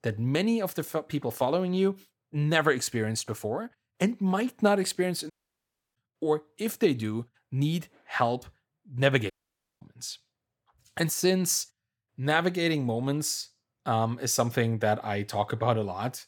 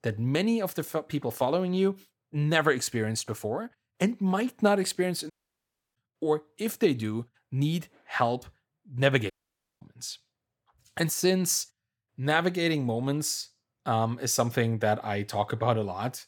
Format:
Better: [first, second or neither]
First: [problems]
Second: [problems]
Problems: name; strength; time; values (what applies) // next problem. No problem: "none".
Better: neither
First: audio cutting out; at 5.5 s for 0.5 s and at 9.5 s for 0.5 s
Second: audio cutting out; at 5.5 s for 0.5 s and at 9.5 s for 0.5 s